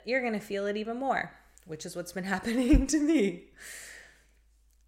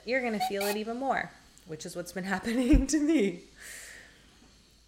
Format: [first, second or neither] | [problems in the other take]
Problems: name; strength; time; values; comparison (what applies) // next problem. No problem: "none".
first | hiss; loud; throughout; 6 dB below the speech